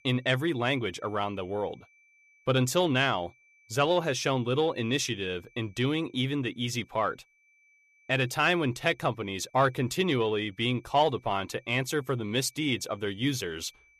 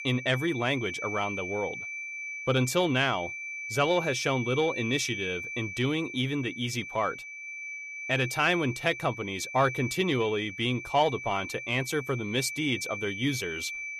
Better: first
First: high-pitched whine; faint; throughout; 2.5 kHz, 35 dB below the speech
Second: high-pitched whine; loud; throughout; 2.5 kHz, 7 dB below the speech

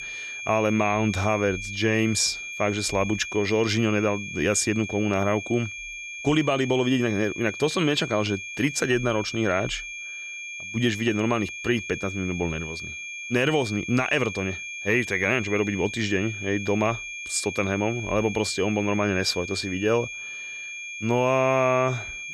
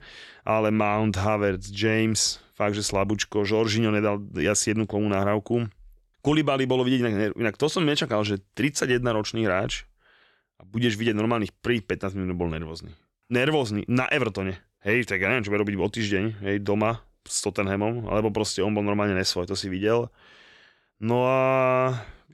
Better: second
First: high-pitched whine; loud; throughout; 2.5 kHz, 8 dB below the speech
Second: none

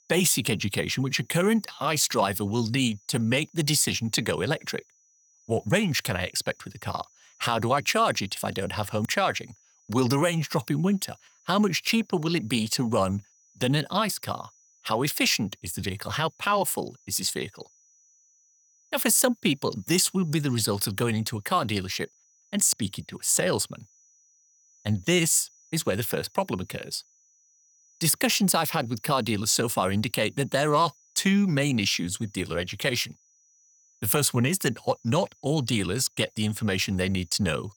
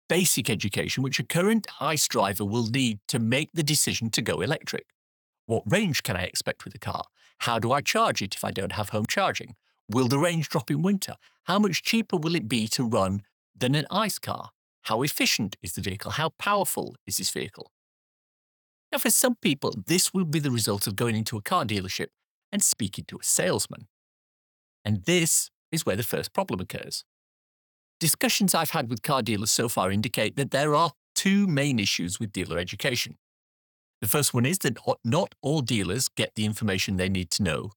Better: second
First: high-pitched whine; faint; throughout; 6 kHz, 30 dB below the speech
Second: none

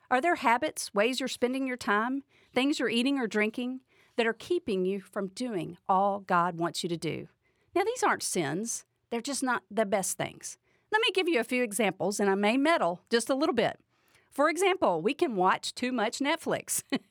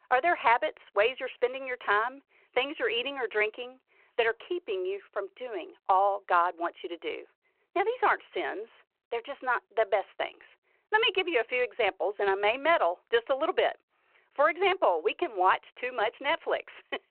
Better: first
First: none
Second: phone-call audio

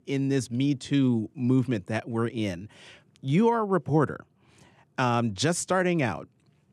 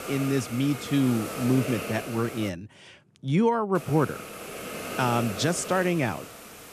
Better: first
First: none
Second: hiss; loud; until 2.5 s and from 4 s on; 10 dB below the speech

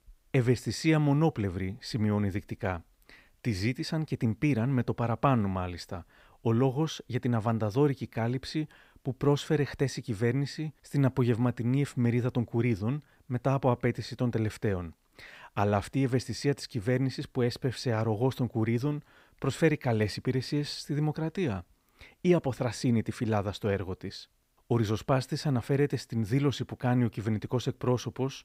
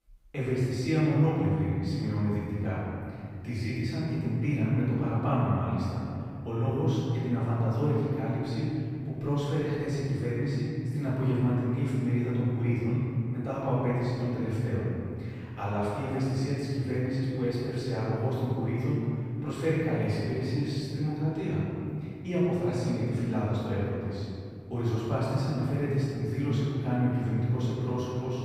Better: first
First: none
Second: room echo; strong; dies away in 3 s // off-mic speech; far

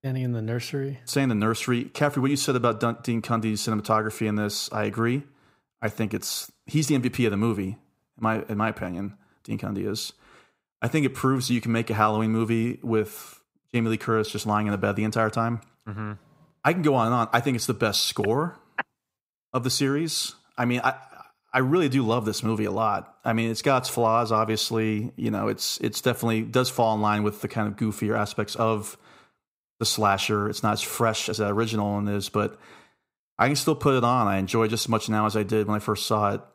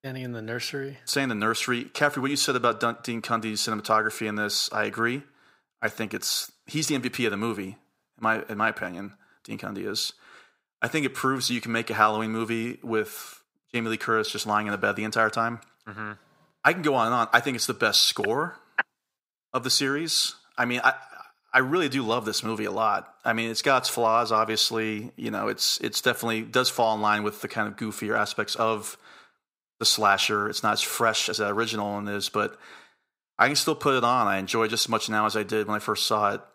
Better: first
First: none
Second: thin; somewhat; fading below 400 Hz

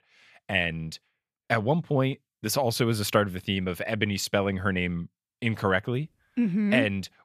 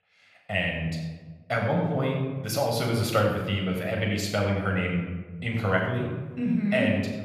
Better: first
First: none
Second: room echo; noticeable; dies away in 1.2 s // off-mic speech; somewhat distant

